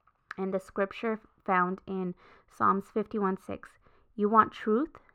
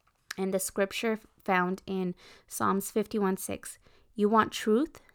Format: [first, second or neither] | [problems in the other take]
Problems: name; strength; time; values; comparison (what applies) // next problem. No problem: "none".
second | muffled; very; fading above 4 kHz